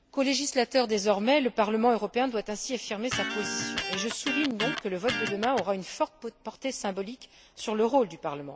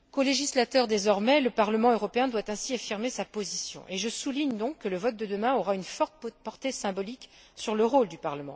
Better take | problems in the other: second | background sound (Electric guitar); 5 dB below the speech

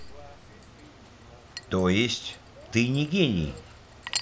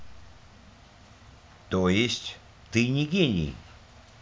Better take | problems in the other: second | background sound (Chink, clink); 13 dB below the speech

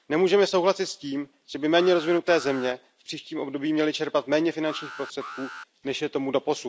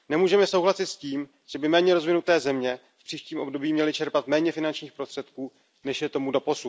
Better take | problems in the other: second | background sound (Alarm); 16 dB below the speech

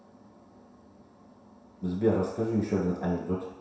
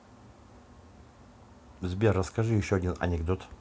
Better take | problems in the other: second | room echo; dies away in 0.7 s

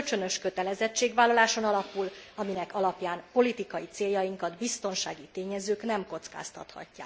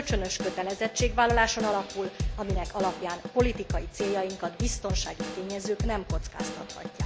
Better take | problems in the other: first | background sound (Drum / Drum kit); 3 dB below the speech

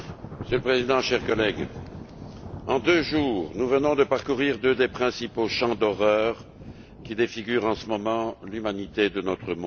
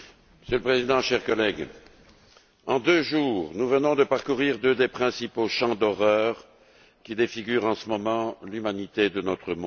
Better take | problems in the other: second | background sound (Thunder); 15 dB below the speech

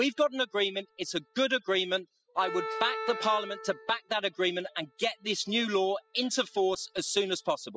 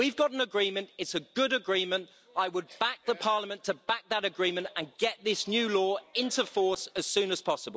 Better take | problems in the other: second | noise reduction (classical method spectral subtraction)

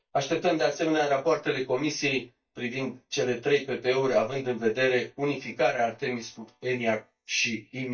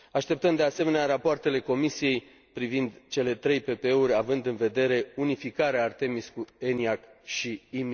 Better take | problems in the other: second | noise reduction (neural mask model DeepFilterNet 3)

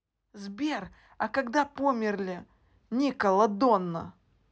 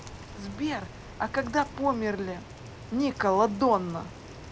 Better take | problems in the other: first | background sound (Rain); 14 dB below the speech

